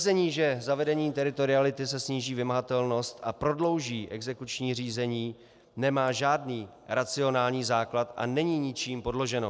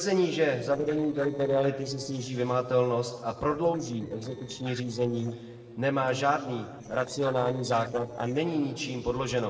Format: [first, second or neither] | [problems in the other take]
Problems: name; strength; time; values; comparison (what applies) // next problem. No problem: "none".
first | noise reduction (neural separator model SepFormer DNS4)